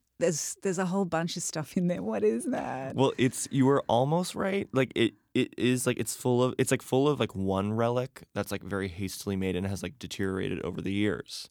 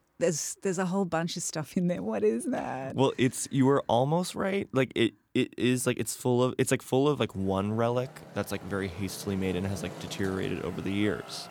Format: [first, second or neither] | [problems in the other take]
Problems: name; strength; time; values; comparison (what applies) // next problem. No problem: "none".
first | traffic noise; noticeable; throughout; 15 dB below the speech